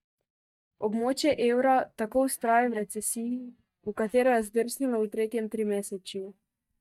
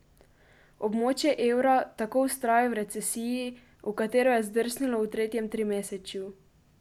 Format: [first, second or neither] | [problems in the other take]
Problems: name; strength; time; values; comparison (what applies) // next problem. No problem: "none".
second | noise reduction (neural mask model DeepFilterNet 3)